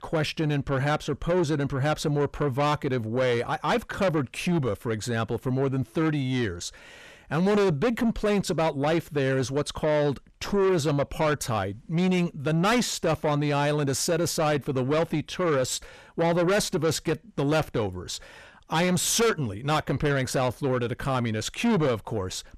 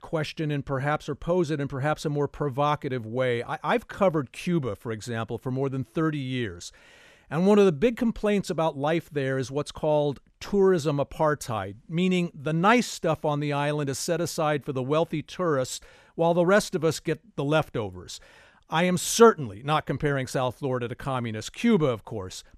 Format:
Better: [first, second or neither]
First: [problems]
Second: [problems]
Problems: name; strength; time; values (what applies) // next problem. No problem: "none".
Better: second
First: distortion; heavy; 7 dB below the speech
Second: none